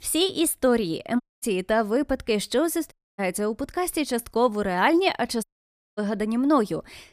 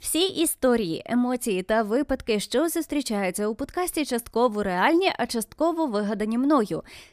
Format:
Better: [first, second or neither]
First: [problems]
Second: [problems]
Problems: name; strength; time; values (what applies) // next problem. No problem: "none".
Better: second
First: audio cutting out; at 1 s, at 3 s and at 5.5 s for 0.5 s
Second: none